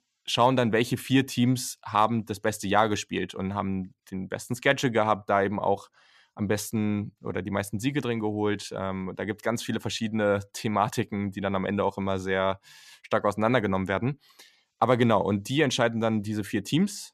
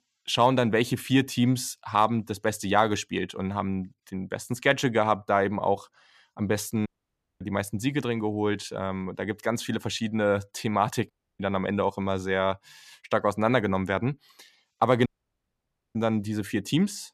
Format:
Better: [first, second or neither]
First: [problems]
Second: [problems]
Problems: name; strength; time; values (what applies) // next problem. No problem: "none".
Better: first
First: none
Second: audio cutting out; at 7 s for 0.5 s, at 11 s and at 15 s for 1 s